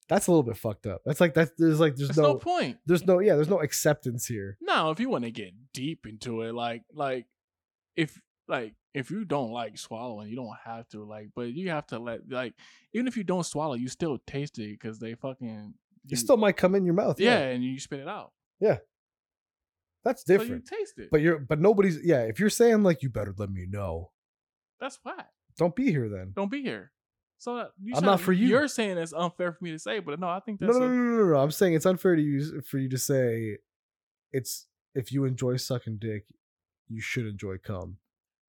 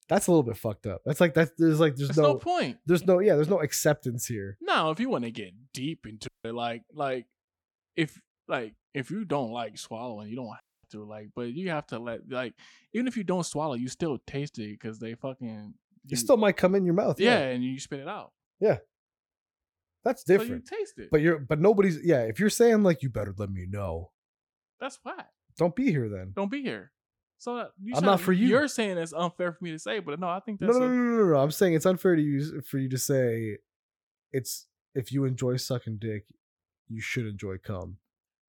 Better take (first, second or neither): first